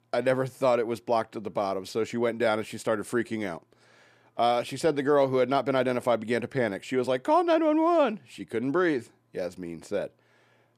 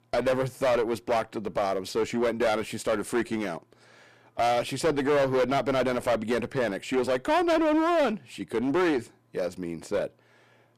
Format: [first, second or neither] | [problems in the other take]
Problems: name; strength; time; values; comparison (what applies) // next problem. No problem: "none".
first | distortion; heavy; 12% of the sound clipped